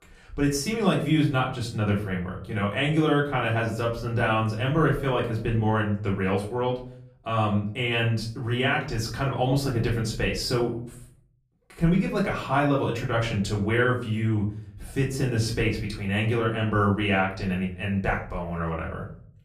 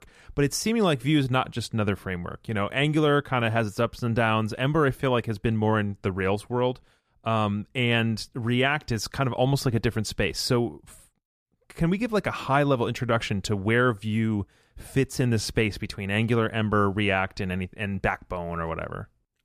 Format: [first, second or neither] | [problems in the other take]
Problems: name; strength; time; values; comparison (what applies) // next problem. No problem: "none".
second | off-mic speech; far // room echo; slight; dies away in 0.4 s